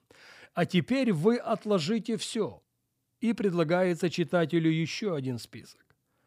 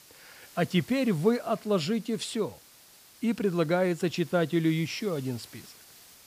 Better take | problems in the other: first | hiss; faint; throughout; 20 dB below the speech

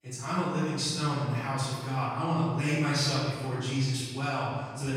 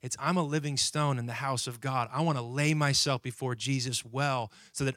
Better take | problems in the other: second | room echo; strong; dies away in 1.6 s // off-mic speech; far

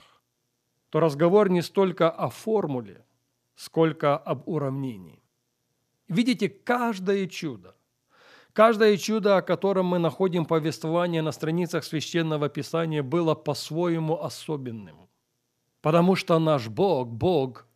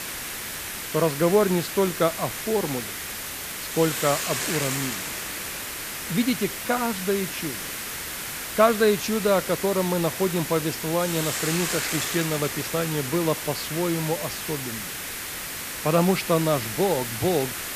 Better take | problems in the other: first | hiss; loud; throughout; 4 dB below the speech

